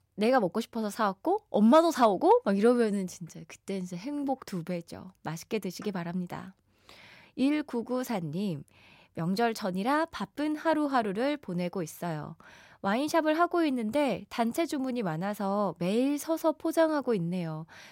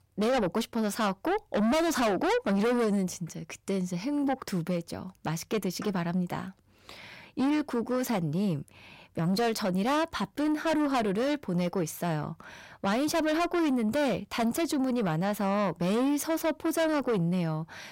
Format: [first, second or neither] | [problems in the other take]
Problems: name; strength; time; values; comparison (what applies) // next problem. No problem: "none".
first | distortion; heavy; 6 dB below the speech